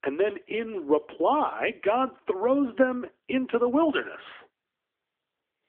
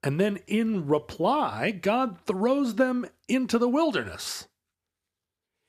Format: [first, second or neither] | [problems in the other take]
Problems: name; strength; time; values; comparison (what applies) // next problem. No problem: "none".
second | phone-call audio; nothing above 3 kHz